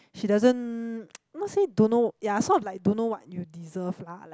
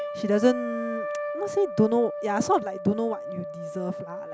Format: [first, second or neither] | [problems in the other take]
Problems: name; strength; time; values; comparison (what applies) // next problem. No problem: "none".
first | background sound (Trumpet); 7 dB below the speech